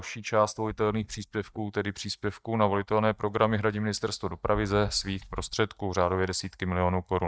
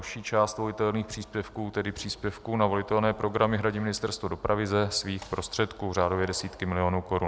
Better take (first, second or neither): second